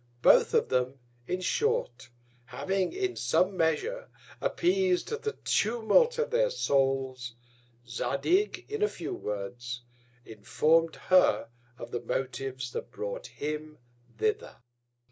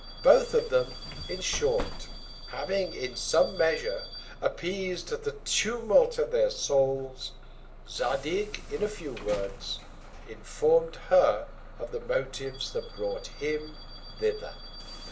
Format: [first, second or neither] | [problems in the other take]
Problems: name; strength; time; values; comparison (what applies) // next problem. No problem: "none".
first | background sound (Bus / Alarm); 13 dB below the speech // room echo; dies away in 0.4 s